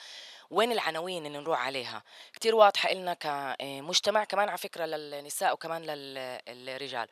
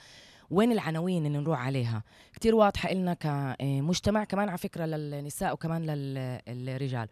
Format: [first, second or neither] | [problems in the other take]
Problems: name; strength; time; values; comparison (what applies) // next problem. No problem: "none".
second | thin; very; fading below 650 Hz